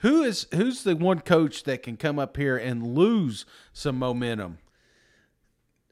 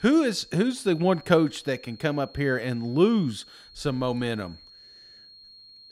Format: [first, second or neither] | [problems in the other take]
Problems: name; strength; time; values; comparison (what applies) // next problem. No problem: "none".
first | high-pitched whine; faint; throughout; 4.5 kHz, 25 dB below the speech